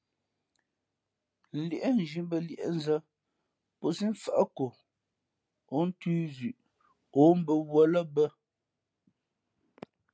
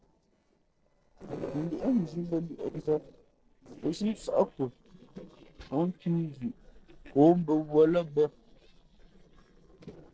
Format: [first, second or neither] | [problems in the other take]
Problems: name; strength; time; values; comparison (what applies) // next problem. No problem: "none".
first | noise reduction (neural separator model SepFormer DNS4)